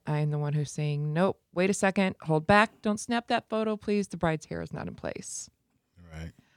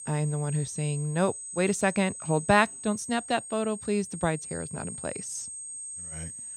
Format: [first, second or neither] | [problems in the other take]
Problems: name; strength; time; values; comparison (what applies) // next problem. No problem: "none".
first | high-pitched whine; loud; throughout; 8 kHz, 9 dB below the speech